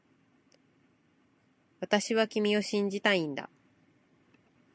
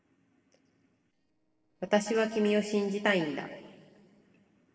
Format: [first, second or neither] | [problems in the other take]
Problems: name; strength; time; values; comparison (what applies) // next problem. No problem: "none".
first | noise reduction (neural separator model SepFormer DNS4)